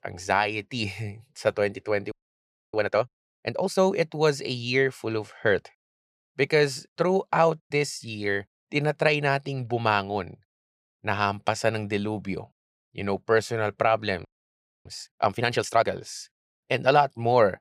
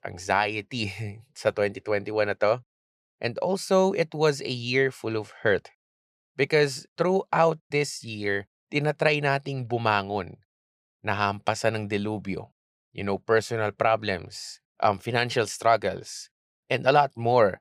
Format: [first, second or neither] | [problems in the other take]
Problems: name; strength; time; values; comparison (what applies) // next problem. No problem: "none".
second | audio freezing; at 2 s for 0.5 s and at 14 s for 0.5 s